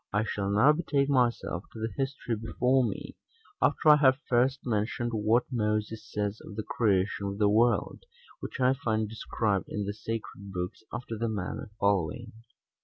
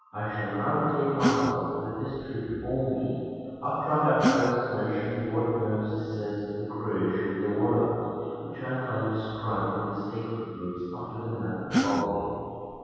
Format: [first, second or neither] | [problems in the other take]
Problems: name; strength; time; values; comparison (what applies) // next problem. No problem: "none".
first | background sound (Gasp); 4 dB below the speech // room echo; dies away in 2.2 s